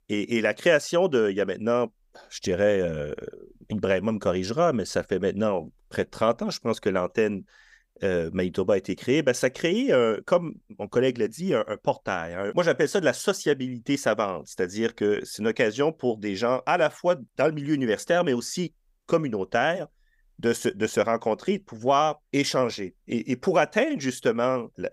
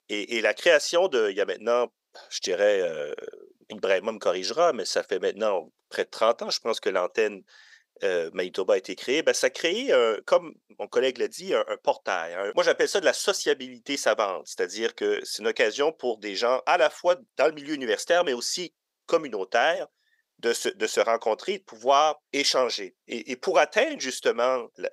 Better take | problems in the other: first | thin; somewhat; fading below 500 Hz

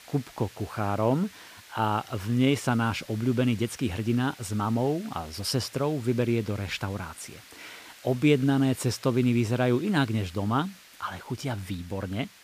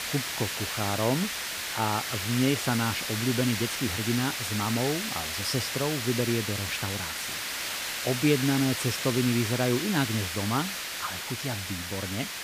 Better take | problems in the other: first | hiss; loud; throughout; 1 dB below the speech; faint in the first

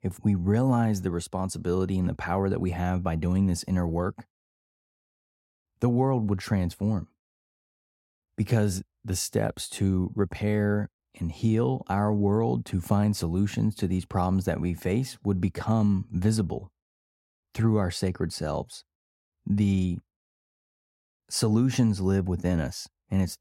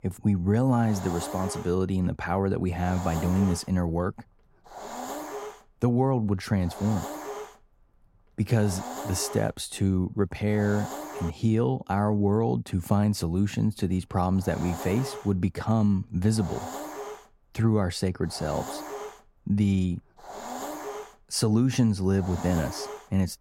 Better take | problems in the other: first | hiss; noticeable; until 11 s and from 14 s on; 10 dB below the speech

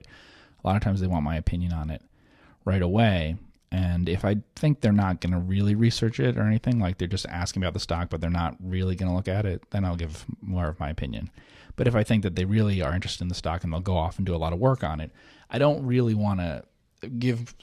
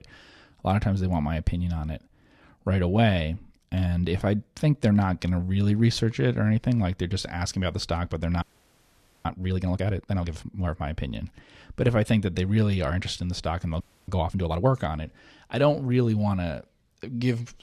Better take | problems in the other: first | audio freezing; at 8.5 s for 1 s and at 14 s

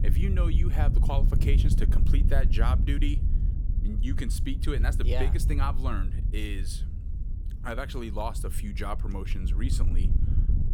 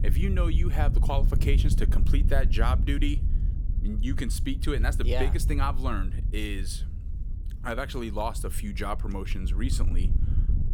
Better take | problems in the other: second | wind noise on the microphone; heavy; 8 dB below the speech; occasional gusts in the second

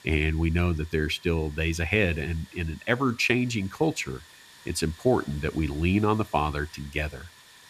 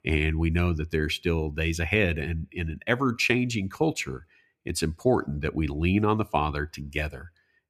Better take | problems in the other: second | hiss; faint; throughout; 25 dB below the speech

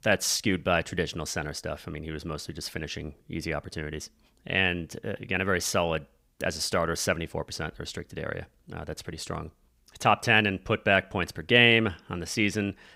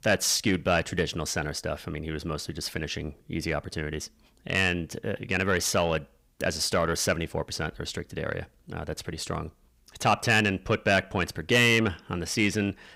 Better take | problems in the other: first | distortion; slight; 10 dB below the speech

